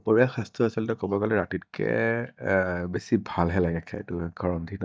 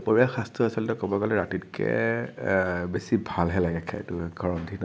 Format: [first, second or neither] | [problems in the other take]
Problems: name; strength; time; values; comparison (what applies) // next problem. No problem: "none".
second | noise reduction (neural mask model DeepFilterNet 3)